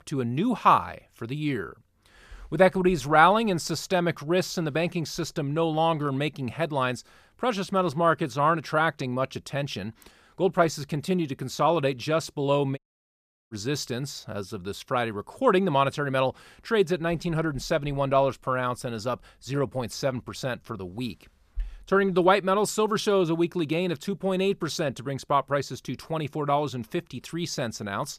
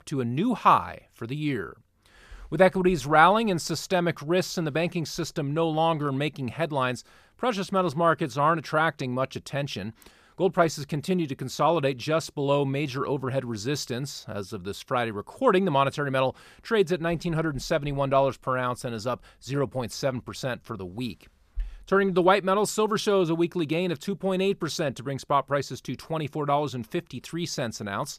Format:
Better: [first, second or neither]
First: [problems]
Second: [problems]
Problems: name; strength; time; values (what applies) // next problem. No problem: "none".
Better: second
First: audio cutting out; at 13 s for 0.5 s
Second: none